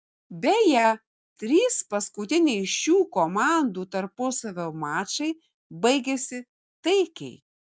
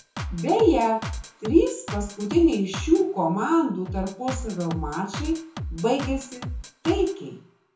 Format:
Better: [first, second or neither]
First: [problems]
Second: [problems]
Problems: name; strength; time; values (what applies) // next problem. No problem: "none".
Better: first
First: none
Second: background sound (Drum kit); 10 dB below the speech // room echo; dies away in 0.6 s